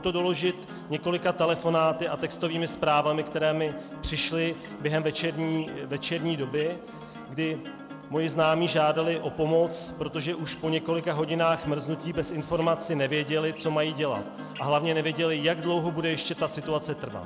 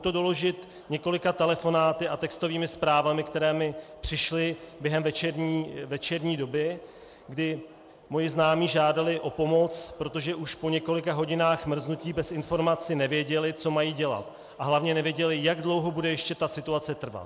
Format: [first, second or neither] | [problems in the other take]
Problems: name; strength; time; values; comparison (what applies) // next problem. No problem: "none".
second | background sound (Acoustic guitar); 14 dB below the speech